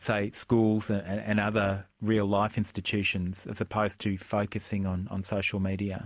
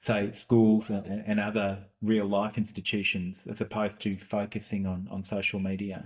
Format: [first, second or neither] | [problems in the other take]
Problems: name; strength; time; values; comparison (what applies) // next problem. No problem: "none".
first | noise reduction (neural mask model DeepFilterNet 3)